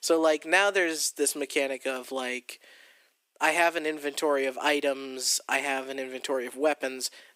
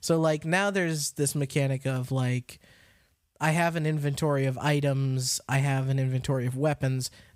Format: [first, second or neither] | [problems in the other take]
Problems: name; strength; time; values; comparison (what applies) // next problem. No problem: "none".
second | thin; very; fading below 300 Hz